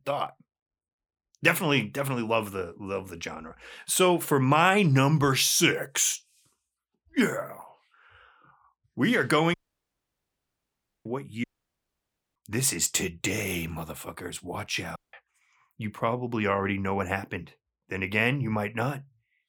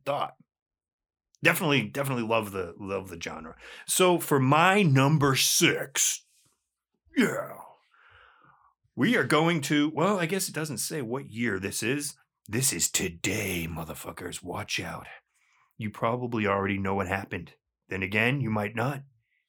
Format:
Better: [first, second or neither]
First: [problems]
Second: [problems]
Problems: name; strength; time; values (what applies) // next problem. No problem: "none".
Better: second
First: audio cutting out; at 9.5 s for 1.5 s, at 11 s for 1 s and at 15 s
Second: none